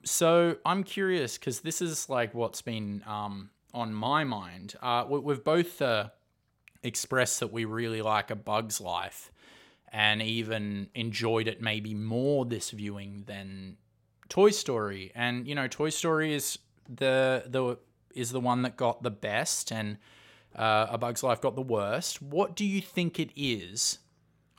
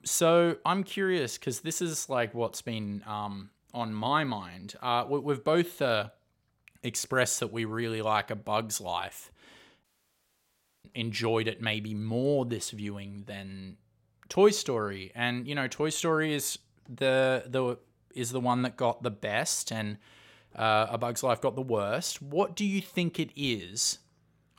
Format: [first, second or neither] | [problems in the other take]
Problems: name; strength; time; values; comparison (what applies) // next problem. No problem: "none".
first | audio cutting out; at 10 s for 1 s